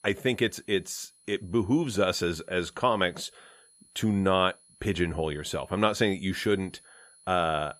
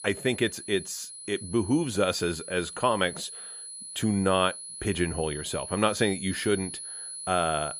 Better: first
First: high-pitched whine; faint; throughout; 10.5 kHz, 30 dB below the speech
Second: high-pitched whine; loud; throughout; 10.5 kHz, 10 dB below the speech

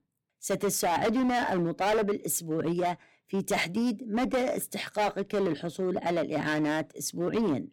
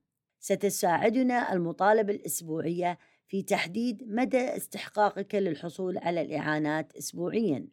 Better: second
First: distortion; heavy; 14% of the sound clipped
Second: none

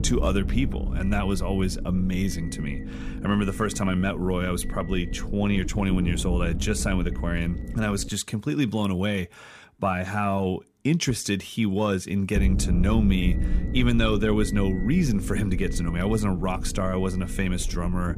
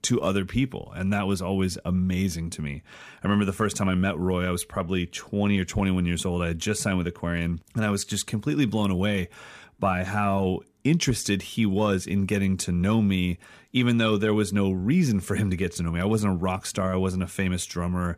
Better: second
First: low rumble; noticeable; until 8 s and from 12 s on; 10 dB below the speech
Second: none

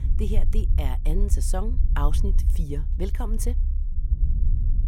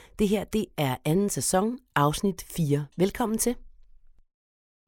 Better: second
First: low rumble; noticeable; throughout; 10 dB below the speech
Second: none

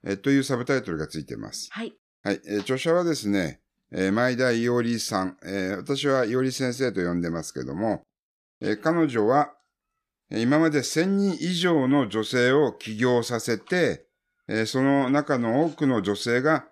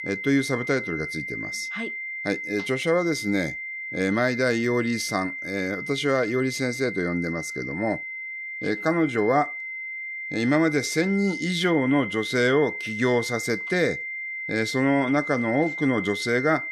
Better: first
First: none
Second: high-pitched whine; loud; throughout; 2 kHz, 6 dB below the speech

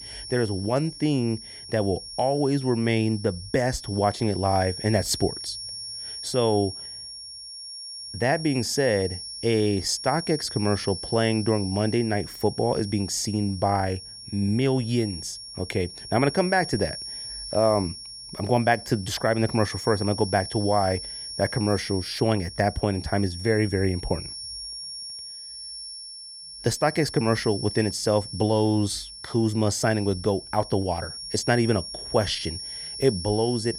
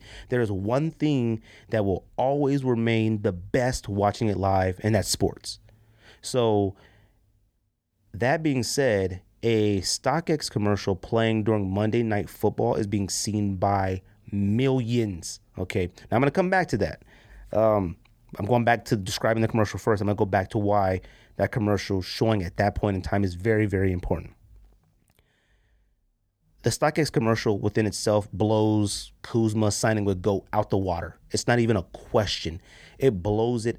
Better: second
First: high-pitched whine; loud; throughout; 5.5 kHz, 10 dB below the speech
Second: none

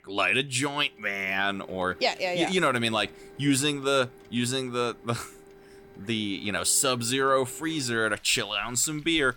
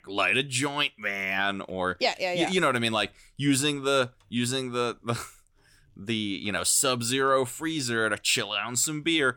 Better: second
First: household noises; faint; throughout; 25 dB below the speech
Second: none

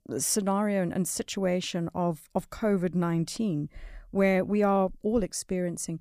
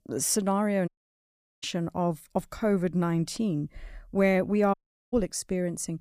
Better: first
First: none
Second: audio cutting out; at 1 s for 0.5 s and at 4.5 s

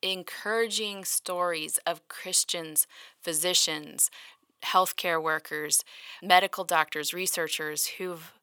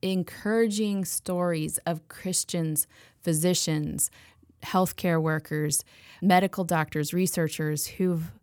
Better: second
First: thin; very; fading below 600 Hz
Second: none

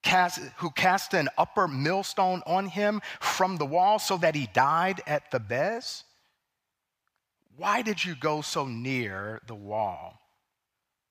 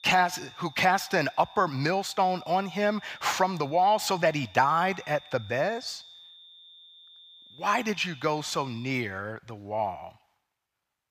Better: first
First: none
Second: high-pitched whine; faint; until 9 s; 3.5 kHz, 20 dB below the speech

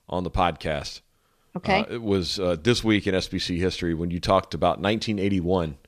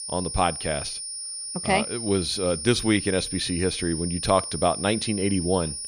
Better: first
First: none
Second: high-pitched whine; loud; throughout; 9.5 kHz, 6 dB below the speech

